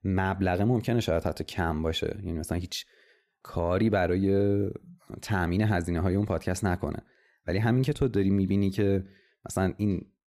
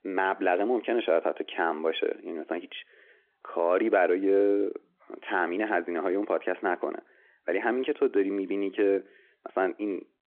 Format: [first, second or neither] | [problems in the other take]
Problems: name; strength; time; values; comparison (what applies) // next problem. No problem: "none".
first | phone-call audio; nothing above 3.5 kHz